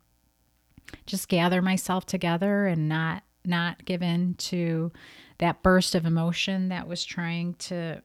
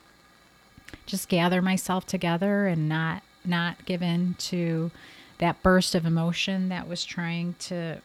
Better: first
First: none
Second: hiss; faint; throughout; 30 dB below the speech

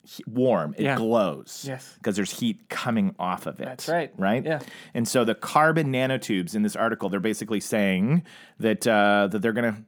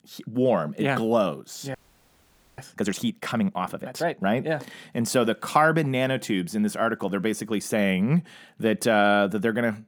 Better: first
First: none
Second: audio freezing; at 2 s for 1 s

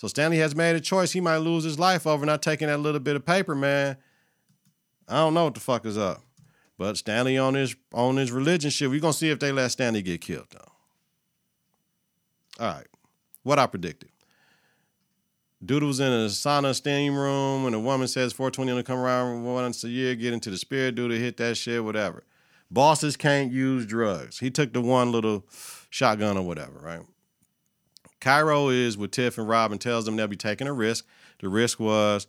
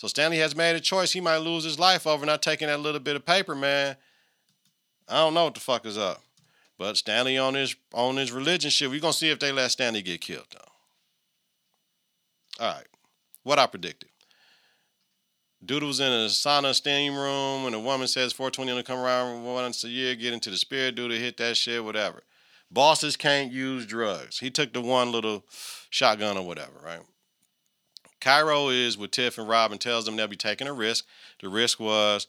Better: first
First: none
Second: thin; very slightly; fading below 750 Hz

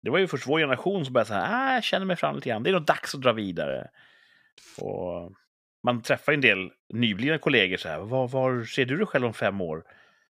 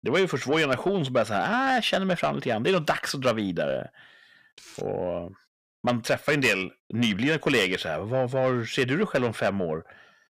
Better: first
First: none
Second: distortion; slight; 10 dB below the speech

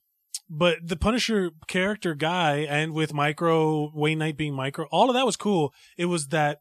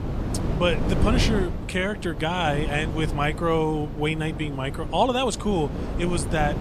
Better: first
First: none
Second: wind noise on the microphone; heavy; 10 dB below the speech

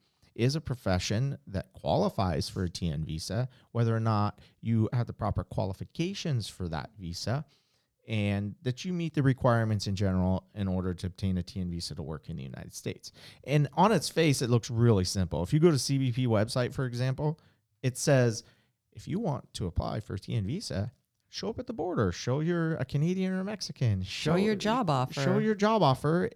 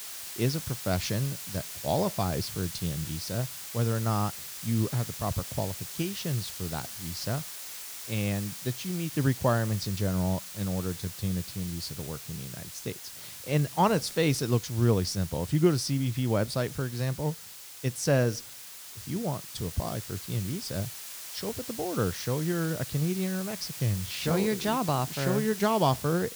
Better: first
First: none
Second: hiss; loud; throughout; 8 dB below the speech

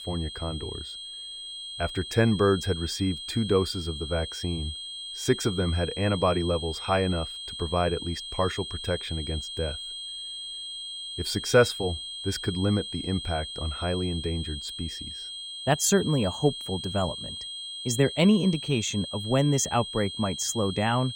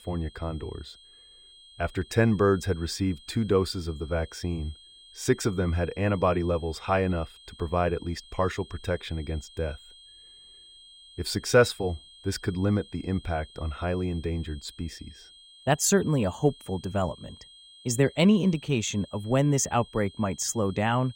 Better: second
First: high-pitched whine; loud; throughout; 3 kHz, 8 dB below the speech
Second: high-pitched whine; faint; throughout; 3 kHz, 20 dB below the speech

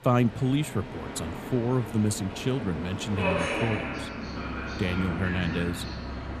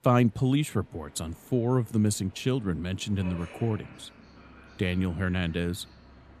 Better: second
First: train or aircraft noise; loud; throughout; 4 dB below the speech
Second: train or aircraft noise; faint; throughout; 20 dB below the speech

